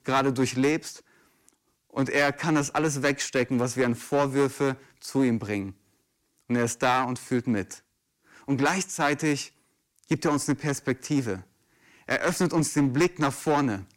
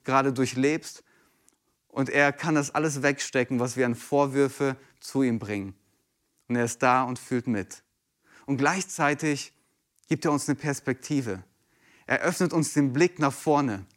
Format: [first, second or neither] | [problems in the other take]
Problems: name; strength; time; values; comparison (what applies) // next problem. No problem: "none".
second | distortion; slight; 4% of the sound clipped